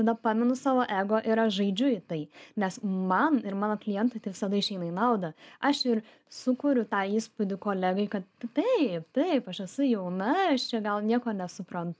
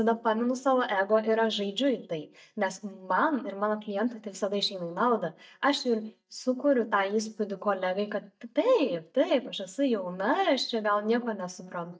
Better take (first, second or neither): first